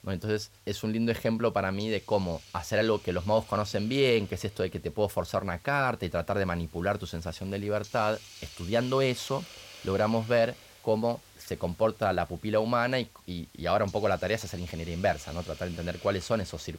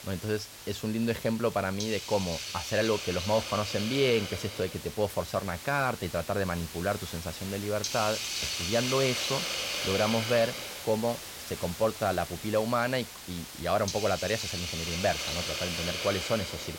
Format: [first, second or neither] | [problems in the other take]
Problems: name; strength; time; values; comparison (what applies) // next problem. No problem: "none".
first | hiss; loud; throughout; 4 dB below the speech; faint in the first